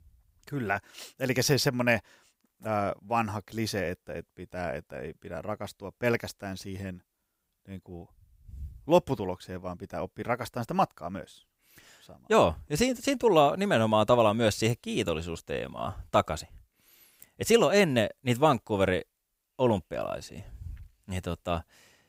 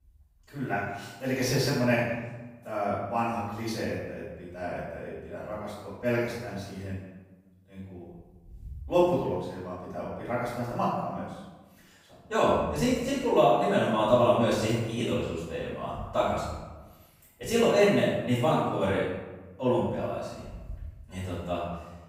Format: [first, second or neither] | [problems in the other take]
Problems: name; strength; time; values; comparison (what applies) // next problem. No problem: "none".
first | room echo; strong; dies away in 1 s // off-mic speech; far